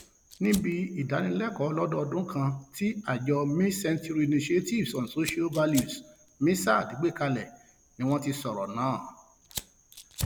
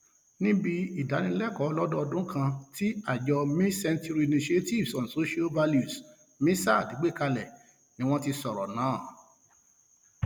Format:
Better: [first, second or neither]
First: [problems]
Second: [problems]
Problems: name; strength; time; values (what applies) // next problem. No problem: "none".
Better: second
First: background sound (Fire); 18 dB below the speech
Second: none